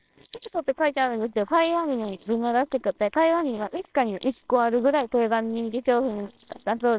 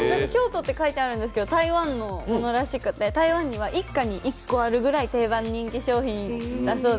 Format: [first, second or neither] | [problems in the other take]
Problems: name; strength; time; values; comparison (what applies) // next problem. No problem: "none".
second | noise reduction (neural separator model SepFormer WHAMR!)